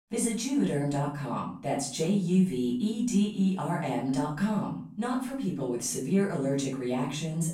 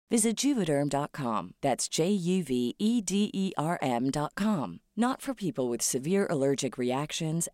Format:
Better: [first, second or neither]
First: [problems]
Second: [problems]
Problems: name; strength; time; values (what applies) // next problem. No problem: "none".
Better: second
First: room echo; noticeable; dies away in 0.4 s // off-mic speech; far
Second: none